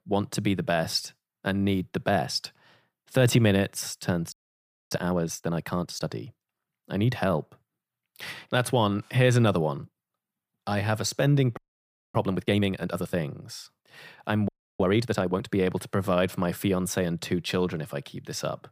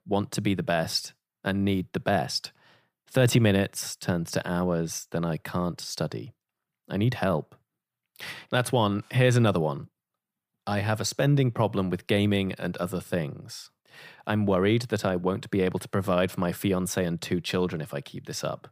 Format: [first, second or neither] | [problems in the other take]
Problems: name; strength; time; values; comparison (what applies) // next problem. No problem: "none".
second | audio freezing; at 4.5 s for 0.5 s, at 12 s for 0.5 s and at 14 s